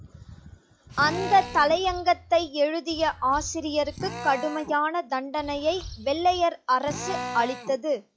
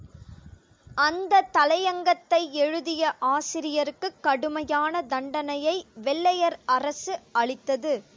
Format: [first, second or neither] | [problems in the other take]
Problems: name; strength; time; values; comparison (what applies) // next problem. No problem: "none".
second | noise reduction (classical method log-MMSE)